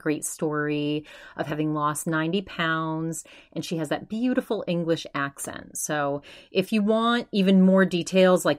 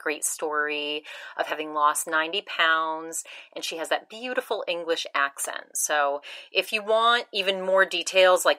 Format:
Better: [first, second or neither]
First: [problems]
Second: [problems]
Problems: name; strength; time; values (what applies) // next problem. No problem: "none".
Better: first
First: none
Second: thin; very; fading below 550 Hz